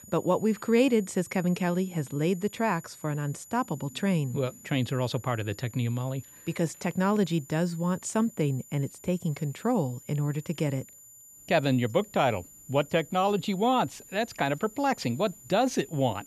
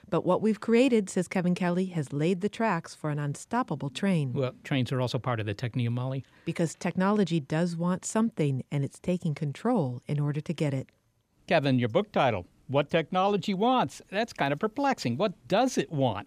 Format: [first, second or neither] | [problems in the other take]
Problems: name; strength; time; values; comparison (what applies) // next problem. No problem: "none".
second | high-pitched whine; noticeable; throughout; 7 kHz, 20 dB below the speech